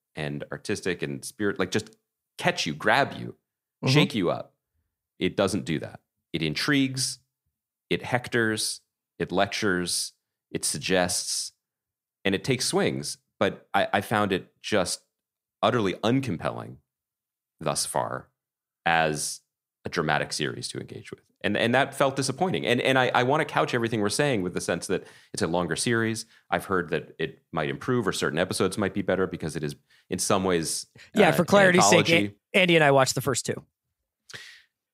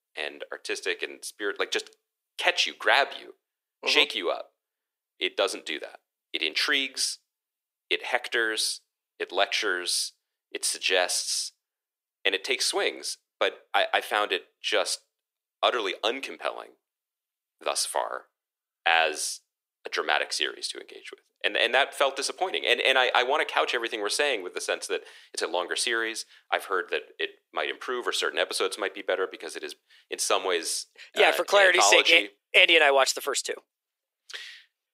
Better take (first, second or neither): first